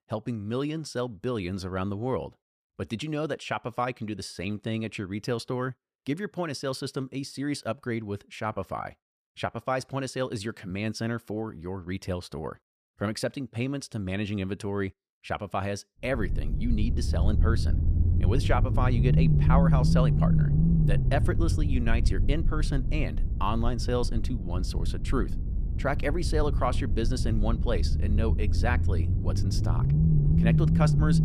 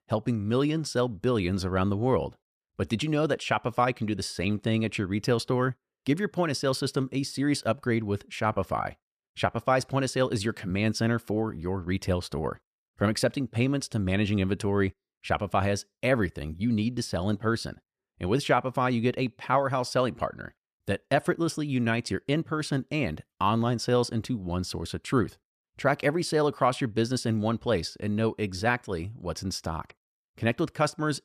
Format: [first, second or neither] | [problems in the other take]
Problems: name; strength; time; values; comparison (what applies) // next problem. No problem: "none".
second | low rumble; loud; from 16 s on; 5 dB below the speech